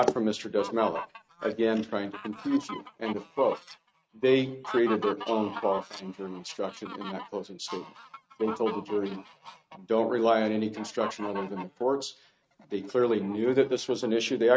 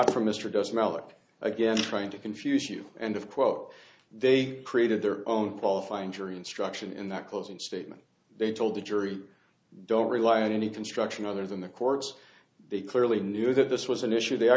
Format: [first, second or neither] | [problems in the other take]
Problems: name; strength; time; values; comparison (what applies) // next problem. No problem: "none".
second | noise reduction (neural mask model RNNoise)